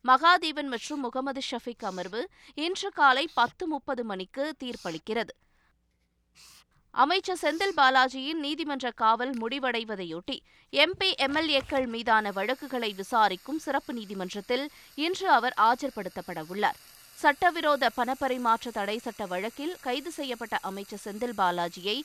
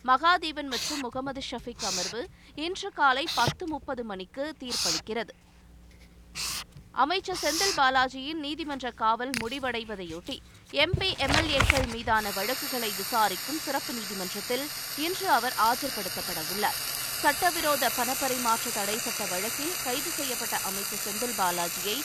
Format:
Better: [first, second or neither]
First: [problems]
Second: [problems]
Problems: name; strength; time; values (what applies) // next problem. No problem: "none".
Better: first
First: household noises; faint; throughout; 25 dB below the speech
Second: household noises; loud; throughout; as loud as the speech